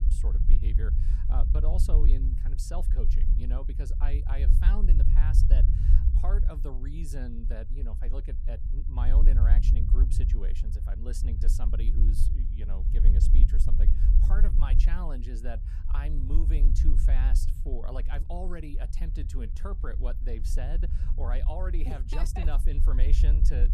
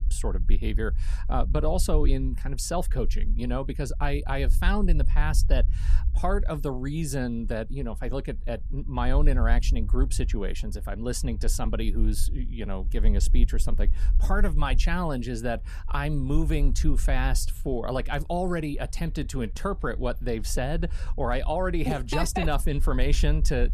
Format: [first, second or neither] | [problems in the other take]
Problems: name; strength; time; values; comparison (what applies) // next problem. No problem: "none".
second | low rumble; loud; throughout; 4 dB below the speech; faint in the second